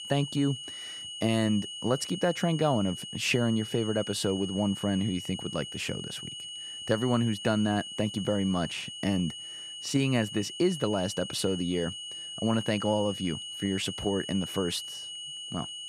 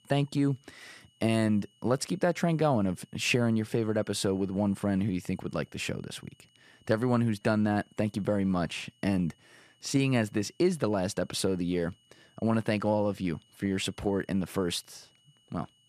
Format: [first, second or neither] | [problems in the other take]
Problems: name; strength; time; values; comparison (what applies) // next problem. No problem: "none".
second | high-pitched whine; loud; throughout; 3 kHz, 8 dB below the speech; faint in the second